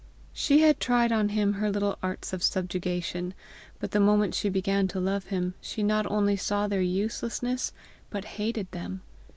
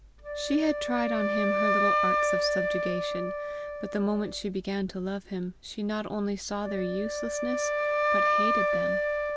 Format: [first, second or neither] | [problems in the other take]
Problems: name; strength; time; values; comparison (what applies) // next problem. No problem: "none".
first | background sound (Wind instrument, woodwind instrument); 3 dB above the speech